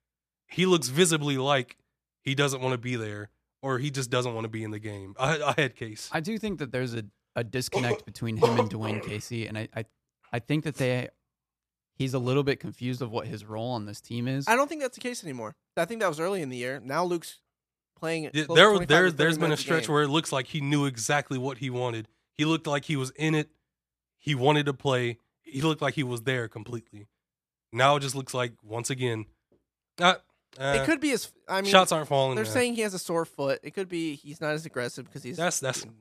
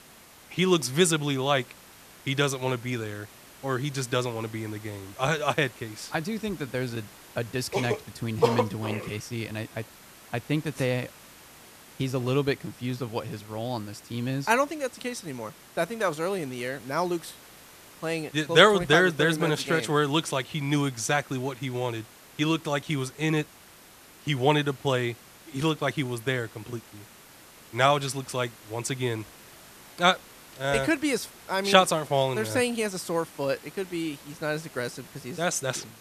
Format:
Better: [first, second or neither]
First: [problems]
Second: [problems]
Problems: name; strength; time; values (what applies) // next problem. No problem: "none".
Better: first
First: none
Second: hiss; faint; throughout; 20 dB below the speech